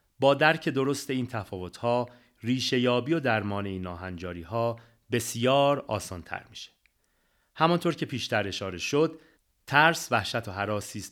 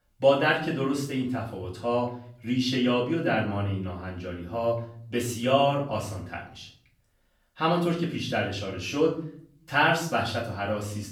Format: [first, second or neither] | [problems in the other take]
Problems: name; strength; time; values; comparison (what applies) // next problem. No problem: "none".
first | off-mic speech; far // room echo; slight; dies away in 0.5 s